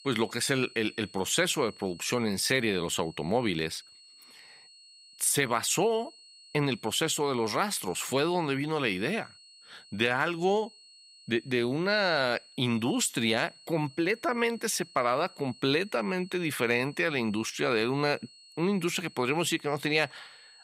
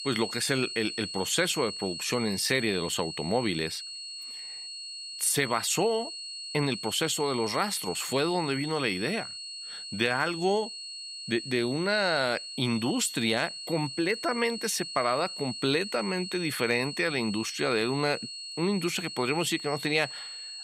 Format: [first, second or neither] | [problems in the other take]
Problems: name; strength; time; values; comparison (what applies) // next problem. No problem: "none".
first | high-pitched whine; loud; throughout; 4.5 kHz, 8 dB below the speech; faint in the first